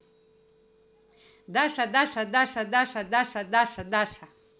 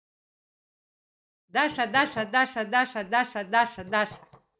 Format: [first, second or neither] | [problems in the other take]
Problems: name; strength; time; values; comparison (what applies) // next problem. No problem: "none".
first | noise reduction (neural mask model DeepFilterNet 3)